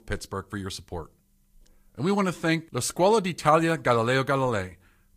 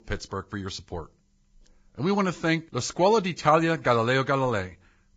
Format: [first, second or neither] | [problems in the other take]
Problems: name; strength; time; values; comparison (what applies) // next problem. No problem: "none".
first | garbled, watery; badly; nothing above 7.5 kHz; slightly in the first